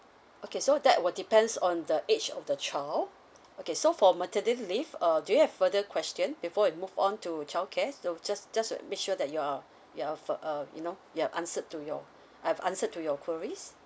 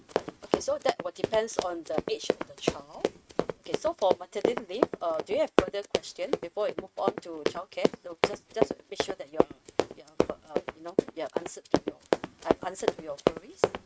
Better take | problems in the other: first | noise reduction (neural mask model RNNoise)

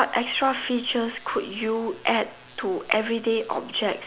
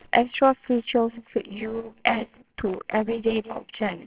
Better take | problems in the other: first | noise reduction (neural separator model SepFormer WHAMR!)

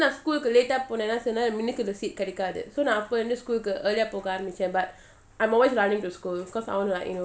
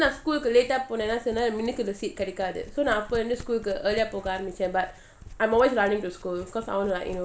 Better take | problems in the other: first | background sound (Domestic sounds, home sounds); 18 dB below the speech

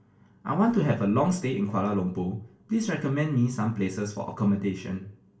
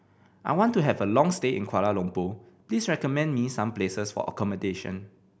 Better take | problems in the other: second | room echo; dies away in 0.3 s

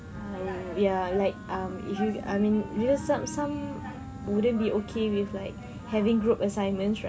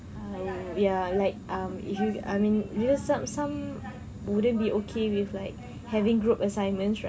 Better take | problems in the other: second | background sound (Wind instrument, woodwind instrument); 18 dB below the speech

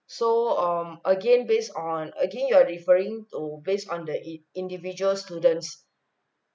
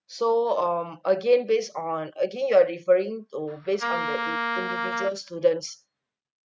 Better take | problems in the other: first | noise reduction (neural mask model RNNoise)

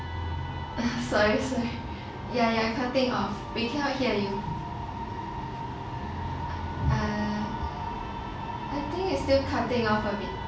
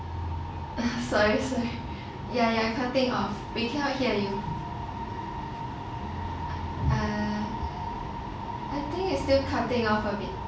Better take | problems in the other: second | background sound (Musical instrument); 16 dB below the speech

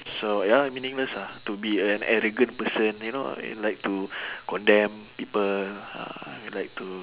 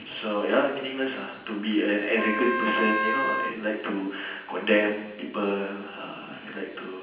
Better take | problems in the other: first | background sound (Wind instrument, woodwind instrument); as loud as the speech // room echo; dies away in 0.9 s

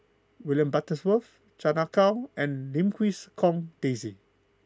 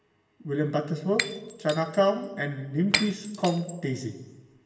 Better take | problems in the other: first | background sound (Shatter); 7 dB below the speech // room echo; dies away in 1.1 s

